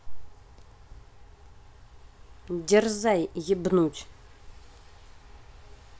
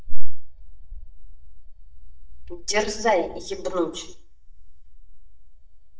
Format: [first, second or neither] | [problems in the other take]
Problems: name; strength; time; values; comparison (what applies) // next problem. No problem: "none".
first | noise reduction (neural mask model DeepFilterNet 3)